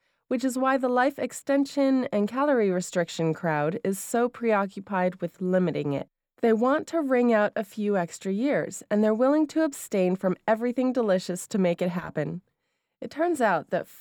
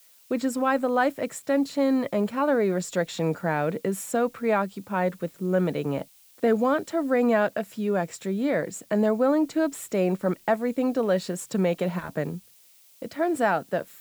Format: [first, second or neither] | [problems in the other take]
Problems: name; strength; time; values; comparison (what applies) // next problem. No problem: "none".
first | hiss; faint; throughout; 25 dB below the speech